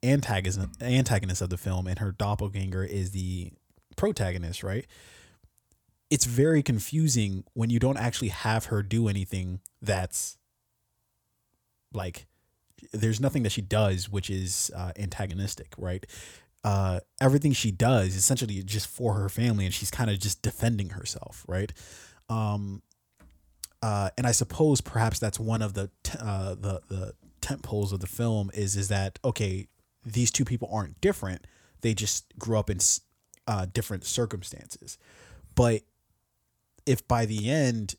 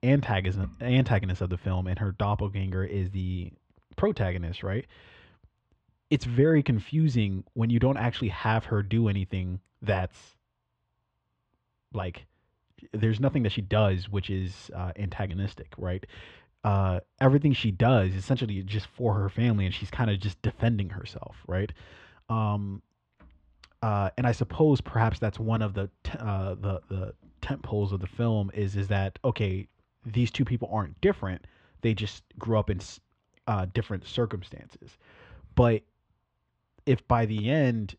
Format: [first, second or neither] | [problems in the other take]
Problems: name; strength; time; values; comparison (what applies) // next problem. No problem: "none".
first | muffled; very; fading above 3 kHz